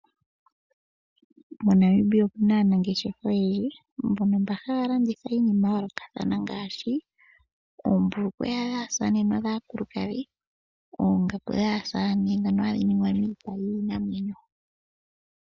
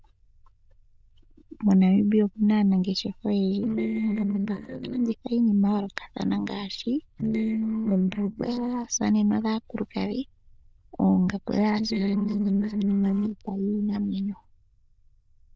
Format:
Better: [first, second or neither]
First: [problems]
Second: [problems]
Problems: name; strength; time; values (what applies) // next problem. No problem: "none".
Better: first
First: none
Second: noise reduction (neural diffusion model UNIVERSE++)